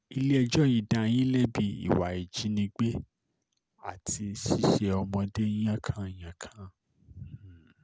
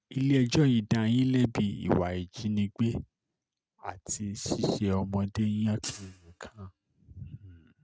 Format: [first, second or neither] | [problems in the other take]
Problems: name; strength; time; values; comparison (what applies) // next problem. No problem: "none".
first | noise reduction (neural mask model RNNoise)